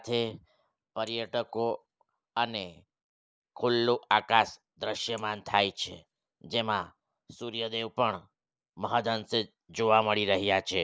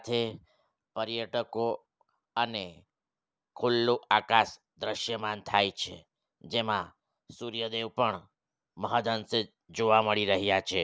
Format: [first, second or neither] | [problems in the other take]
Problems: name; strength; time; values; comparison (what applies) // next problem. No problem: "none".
second | noise reduction (neural mask model Resemble Enhance denoiser)